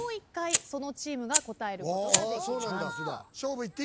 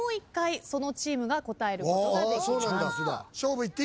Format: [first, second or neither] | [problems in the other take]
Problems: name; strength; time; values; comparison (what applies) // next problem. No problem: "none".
second | background sound (Fire); 1 dB below the speech